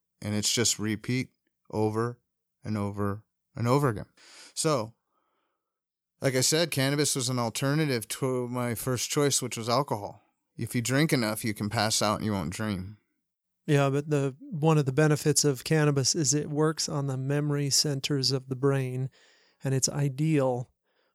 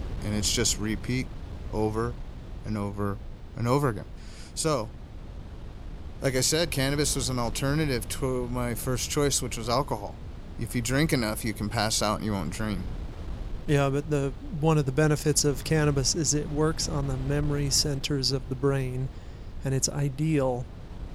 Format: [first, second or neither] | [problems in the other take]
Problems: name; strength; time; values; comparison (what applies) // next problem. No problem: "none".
first | wind noise on the microphone; occasional gusts; 20 dB below the speech